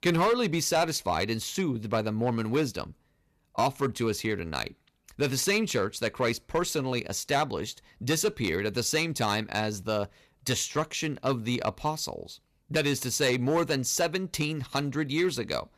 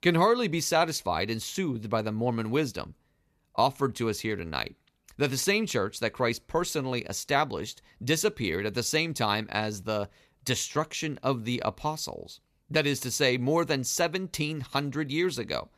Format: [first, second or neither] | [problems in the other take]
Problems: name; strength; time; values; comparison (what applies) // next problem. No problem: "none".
second | distortion; slight; 3% of the sound clipped